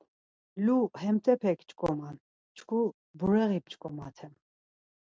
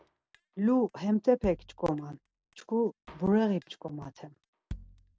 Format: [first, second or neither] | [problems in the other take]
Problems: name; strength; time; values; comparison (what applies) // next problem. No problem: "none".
first | background sound (Drum kit); 19 dB below the speech